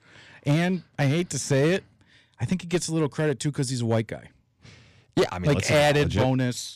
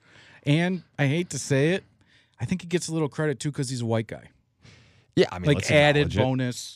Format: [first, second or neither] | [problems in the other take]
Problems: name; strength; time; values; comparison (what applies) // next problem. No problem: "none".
second | distortion; slight; 6% of the sound clipped